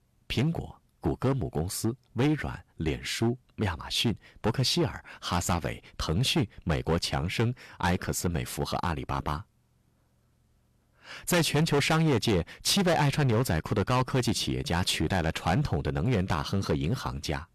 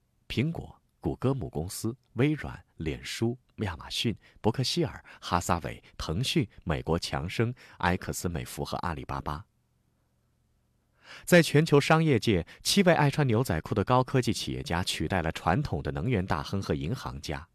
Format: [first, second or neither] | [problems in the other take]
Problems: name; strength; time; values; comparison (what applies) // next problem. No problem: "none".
second | distortion; heavy; 8% of the sound clipped